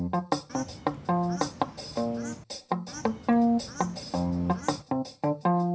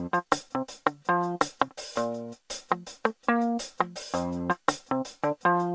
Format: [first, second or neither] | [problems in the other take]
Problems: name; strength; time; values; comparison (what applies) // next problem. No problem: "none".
second | background sound (Bird / Fowl); 15 dB below the speech // room echo; dies away in 0.4 s